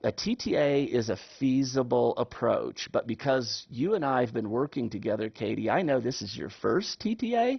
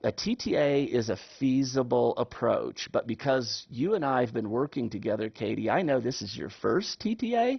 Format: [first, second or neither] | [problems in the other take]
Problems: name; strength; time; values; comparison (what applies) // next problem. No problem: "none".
neither | garbled, watery; badly; nothing above 6 kHz; the same in both